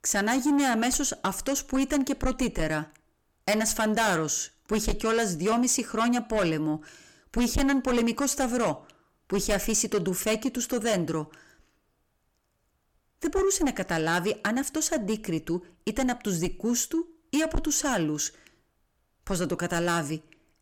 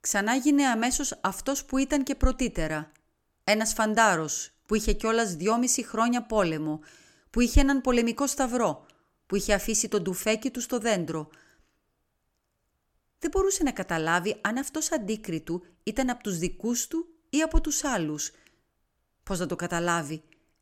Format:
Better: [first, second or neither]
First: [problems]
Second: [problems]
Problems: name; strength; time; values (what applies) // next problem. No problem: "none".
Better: second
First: distortion; heavy; 8 dB below the speech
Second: none